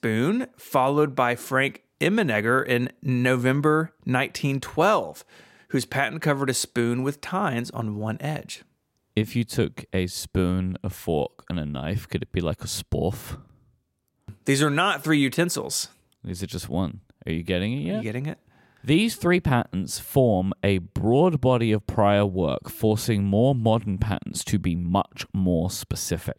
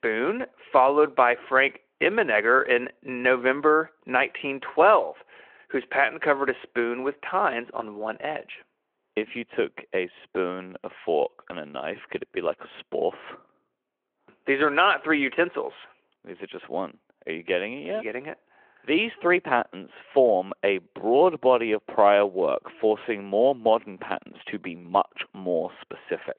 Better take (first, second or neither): first